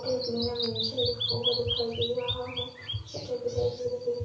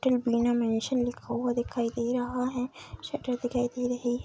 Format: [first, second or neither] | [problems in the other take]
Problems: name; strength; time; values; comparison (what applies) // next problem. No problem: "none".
second | background sound (Bird vocalization, bird call, bird song); 4 dB below the speech // room echo; dies away in 0.6 s